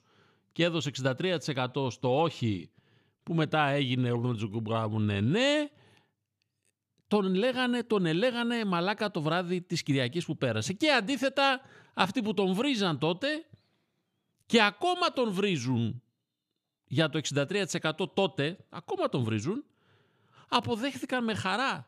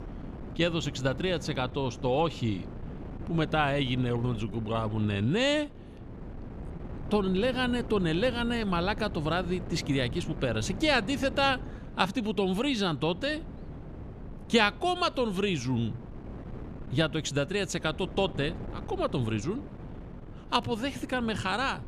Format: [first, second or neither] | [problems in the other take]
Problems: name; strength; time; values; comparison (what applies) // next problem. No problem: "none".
first | wind noise on the microphone; occasional gusts; 20 dB below the speech